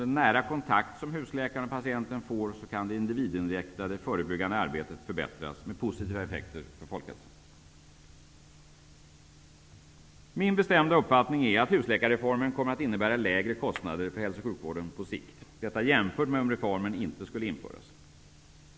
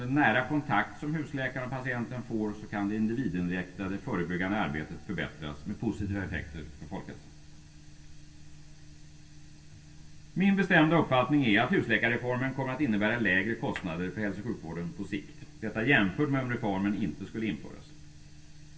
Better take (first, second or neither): first